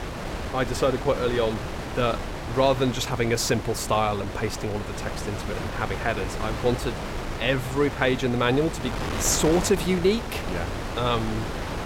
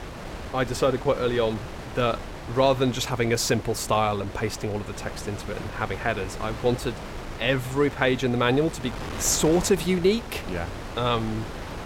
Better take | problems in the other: second | wind noise on the microphone; heavy; 7 dB below the speech; occasional gusts in the second

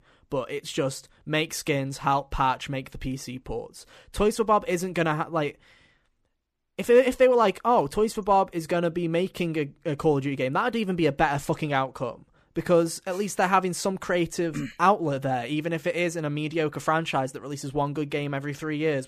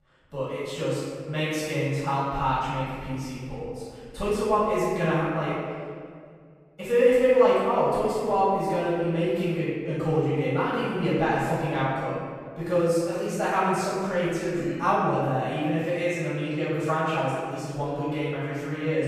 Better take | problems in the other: first | off-mic speech; far // room echo; strong; dies away in 1.8 s

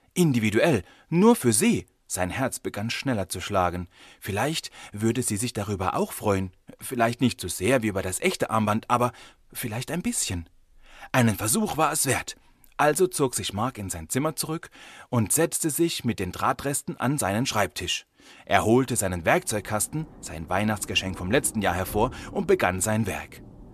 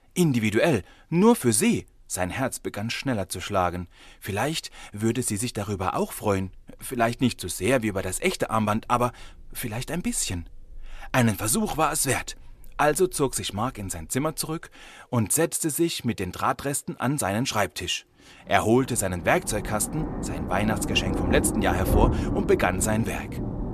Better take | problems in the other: first | rain or running water; loud; throughout; 4 dB below the speech; faint in the first

